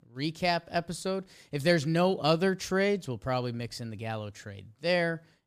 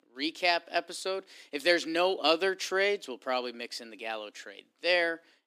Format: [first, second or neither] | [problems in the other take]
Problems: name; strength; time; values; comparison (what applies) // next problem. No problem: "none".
first | thin; very; fading below 300 Hz